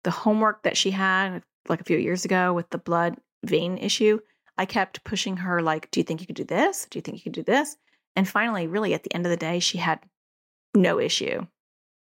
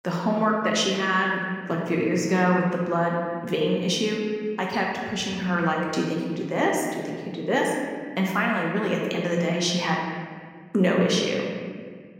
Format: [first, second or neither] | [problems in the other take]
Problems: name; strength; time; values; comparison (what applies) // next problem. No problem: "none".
first | room echo; noticeable; dies away in 1.7 s // off-mic speech; somewhat distant